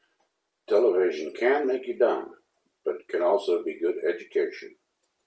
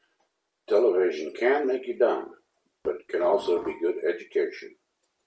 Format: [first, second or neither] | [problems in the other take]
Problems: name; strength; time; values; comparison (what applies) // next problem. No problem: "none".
first | background sound (Dishes, pots, and pans); 16 dB below the speech